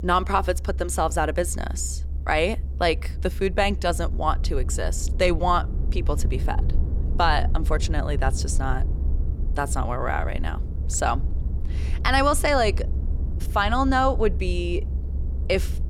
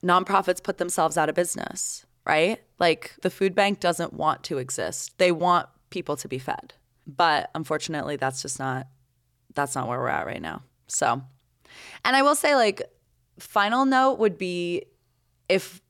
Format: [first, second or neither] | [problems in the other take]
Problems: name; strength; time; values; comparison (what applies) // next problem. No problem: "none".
second | low rumble; noticeable; throughout; 20 dB below the speech